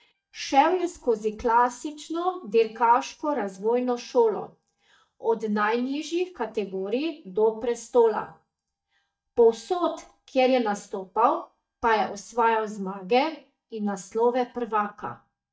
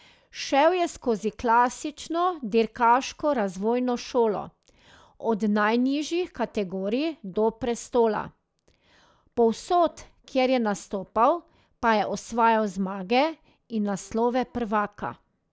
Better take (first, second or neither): second